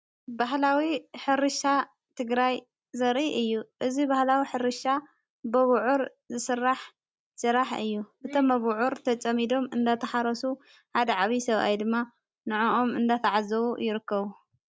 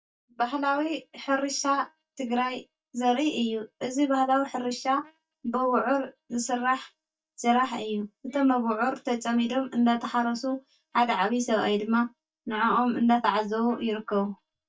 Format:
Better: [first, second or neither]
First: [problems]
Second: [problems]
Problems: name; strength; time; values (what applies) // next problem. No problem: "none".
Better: first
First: none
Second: noise reduction (neural mask model DeepFilterNet 3)